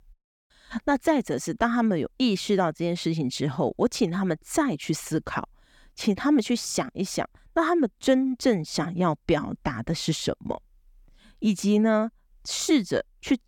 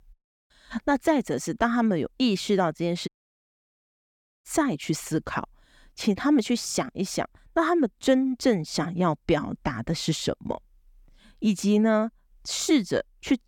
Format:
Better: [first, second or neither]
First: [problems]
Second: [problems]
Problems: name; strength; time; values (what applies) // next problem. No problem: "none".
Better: first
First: none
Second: audio cutting out; at 3 s for 1.5 s